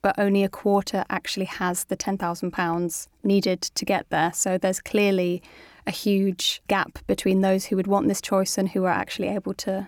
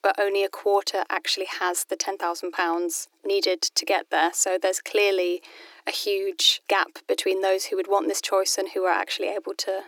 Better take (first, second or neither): first